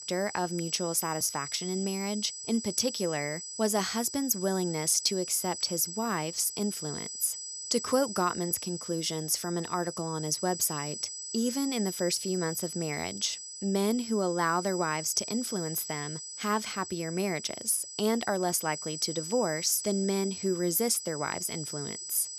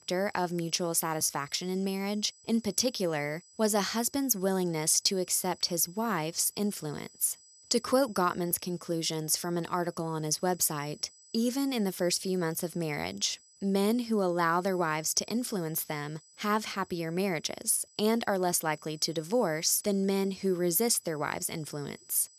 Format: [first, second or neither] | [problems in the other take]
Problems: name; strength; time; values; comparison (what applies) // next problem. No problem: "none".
second | high-pitched whine; loud; throughout; 8 kHz, 8 dB below the speech; faint in the second